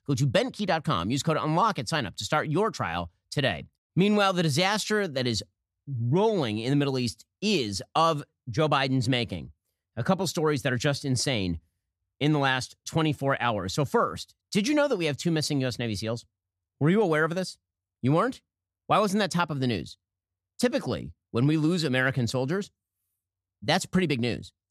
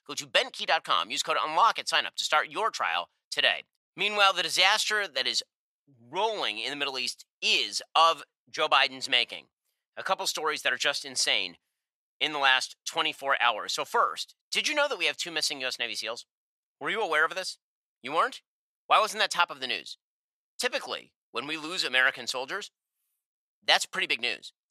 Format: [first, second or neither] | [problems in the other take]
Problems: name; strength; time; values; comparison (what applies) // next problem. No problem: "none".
first | thin; very; fading below 850 Hz